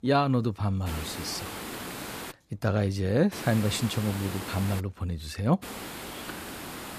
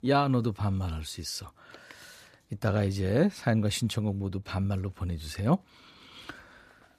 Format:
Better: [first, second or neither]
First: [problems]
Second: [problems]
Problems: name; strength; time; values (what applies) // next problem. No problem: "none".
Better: second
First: hiss; loud; from 1 to 2.5 s, from 3.5 to 5 s and from 5.5 s on; 9 dB below the speech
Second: none